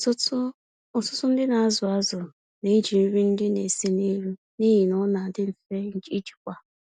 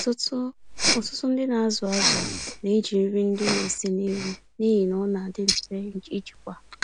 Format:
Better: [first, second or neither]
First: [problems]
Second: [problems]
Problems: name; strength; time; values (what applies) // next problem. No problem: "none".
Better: first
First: none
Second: background sound (Respiratory sounds); 5 dB below the speech